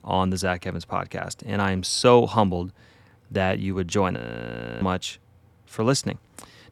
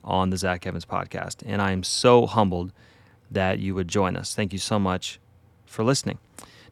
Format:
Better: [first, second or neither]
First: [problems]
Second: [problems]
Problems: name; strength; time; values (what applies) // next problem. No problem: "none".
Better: second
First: audio freezing; at 4 s for 0.5 s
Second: none